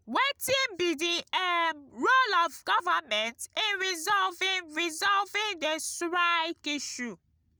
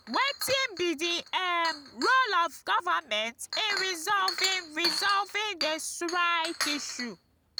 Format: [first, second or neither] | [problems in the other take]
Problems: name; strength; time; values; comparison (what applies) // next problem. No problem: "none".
first | background sound (Chink, clink); 8 dB below the speech